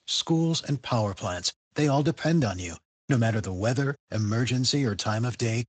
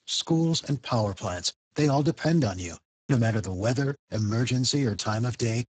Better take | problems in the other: first | garbled, watery; badly; nothing above 7.5 kHz; slightly in the first

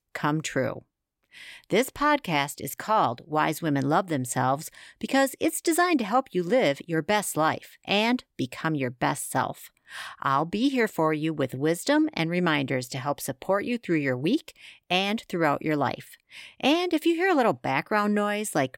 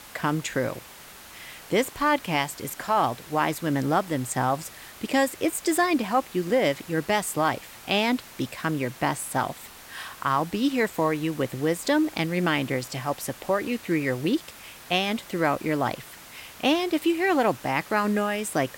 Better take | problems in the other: first | hiss; noticeable; throughout; 20 dB below the speech

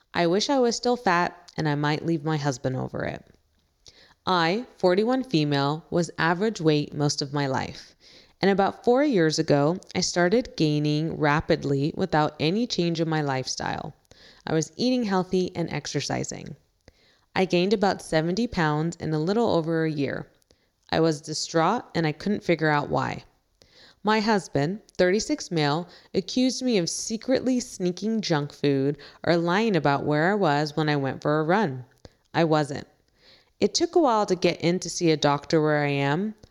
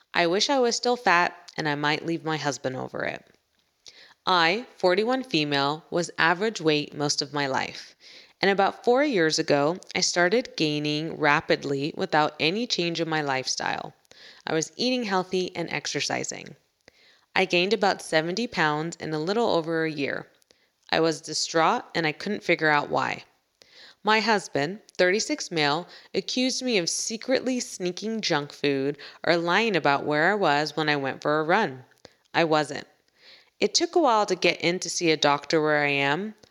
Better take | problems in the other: first | thin; very slightly; fading below 400 Hz

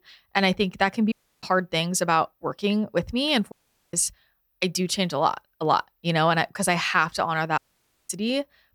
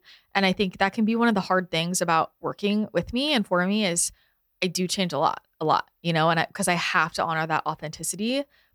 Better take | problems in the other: second | audio cutting out; at 1 s, at 3.5 s and at 7.5 s for 0.5 s

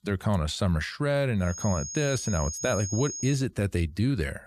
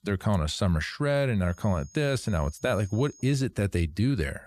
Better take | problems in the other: second | high-pitched whine; loud; from 1.5 to 3.5 s; 6.5 kHz, 7 dB below the speech; faint in the second

